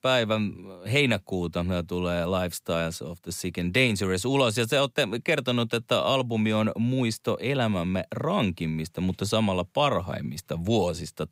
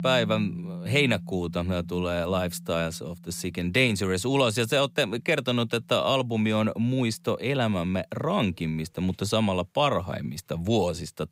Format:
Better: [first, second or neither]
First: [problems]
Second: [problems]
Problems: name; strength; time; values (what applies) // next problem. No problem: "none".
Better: first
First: none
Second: background music; noticeable; until 8.5 s; 15 dB below the speech